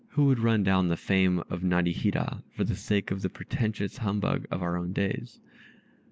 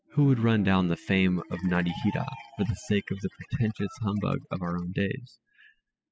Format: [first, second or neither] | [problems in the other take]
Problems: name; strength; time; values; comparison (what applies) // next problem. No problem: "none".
first | noise reduction (classical method spectral subtraction)